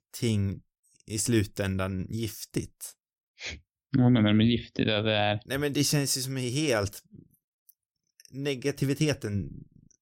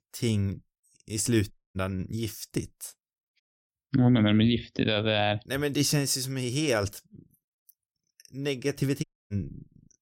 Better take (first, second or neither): first